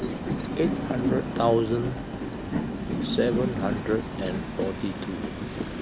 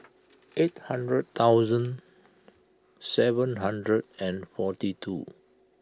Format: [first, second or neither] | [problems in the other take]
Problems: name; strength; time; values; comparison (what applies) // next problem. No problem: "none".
second | background sound (Train); as loud as the speech